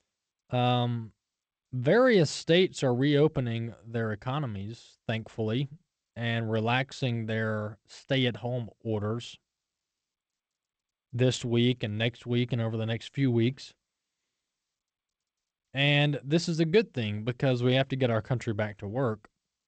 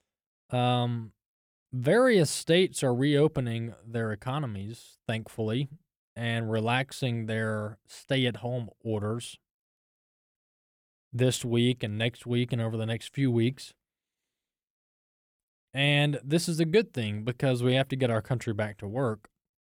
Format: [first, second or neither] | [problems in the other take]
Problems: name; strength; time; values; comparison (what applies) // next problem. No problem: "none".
second | garbled, watery; slightly; nothing above 8 kHz